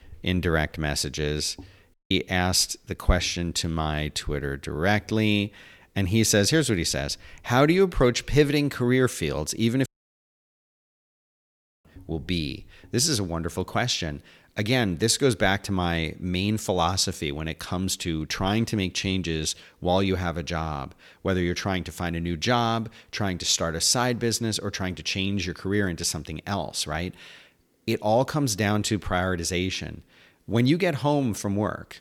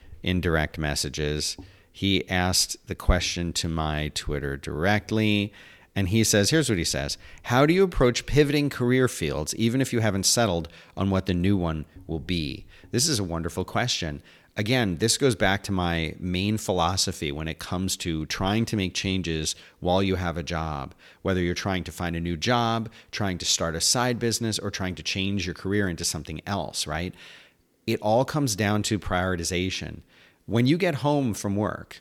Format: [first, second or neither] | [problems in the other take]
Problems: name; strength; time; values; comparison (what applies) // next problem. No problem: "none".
second | audio cutting out; at 2 s and at 10 s for 2 s